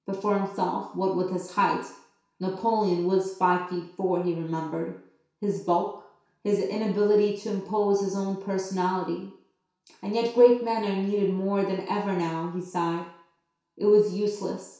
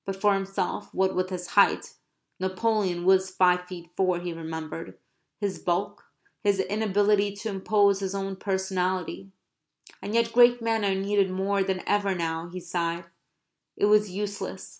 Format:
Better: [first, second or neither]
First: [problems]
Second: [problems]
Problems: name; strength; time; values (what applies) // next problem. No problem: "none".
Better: second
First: room echo; dies away in 0.6 s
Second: none